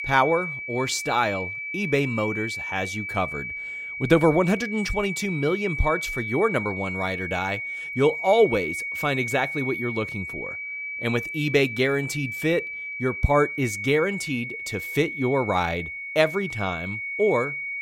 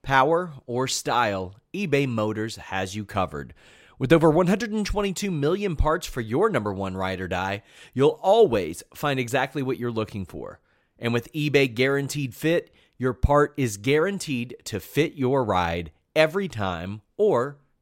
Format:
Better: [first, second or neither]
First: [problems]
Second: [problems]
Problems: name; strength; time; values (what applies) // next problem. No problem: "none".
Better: second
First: high-pitched whine; loud; throughout; 2.5 kHz, 5 dB below the speech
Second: none